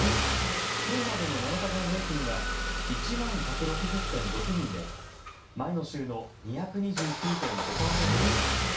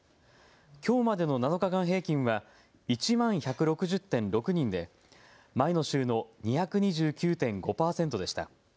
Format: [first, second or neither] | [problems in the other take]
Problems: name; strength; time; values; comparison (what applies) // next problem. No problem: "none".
second | background sound (Engine starting / Car); 4 dB above the speech // room echo; dies away in 0.3 s